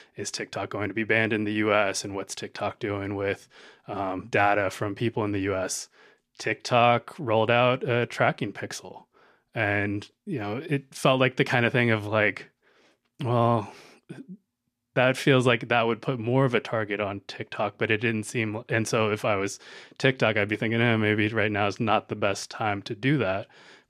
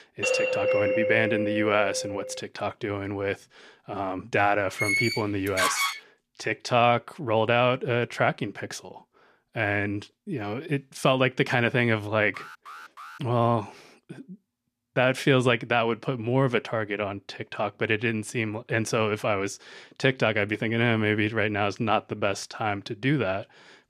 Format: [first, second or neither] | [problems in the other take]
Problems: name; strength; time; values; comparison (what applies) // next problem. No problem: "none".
first | doorbell; loud; until 2.5 s; peak 2 dB above the speech // door banging; loud; from 5 to 6 s; peak 2 dB above the speech // alarm; faint; at 12 s; peak 15 dB below the speech